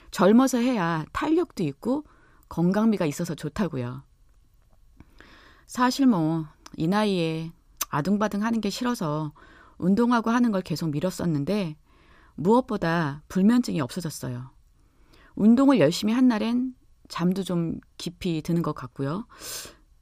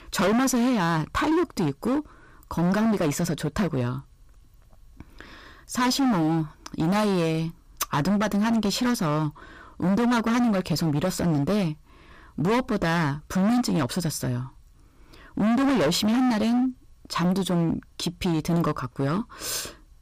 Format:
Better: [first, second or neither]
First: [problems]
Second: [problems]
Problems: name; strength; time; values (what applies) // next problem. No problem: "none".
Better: first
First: none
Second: distortion; heavy; 20% of the sound clipped